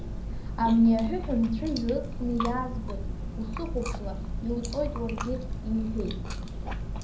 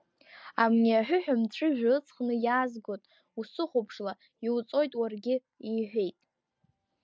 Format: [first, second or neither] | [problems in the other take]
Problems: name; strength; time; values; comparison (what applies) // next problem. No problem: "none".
second | background sound (Chewing, mastication); 3 dB below the speech // room echo; dies away in 0.5 s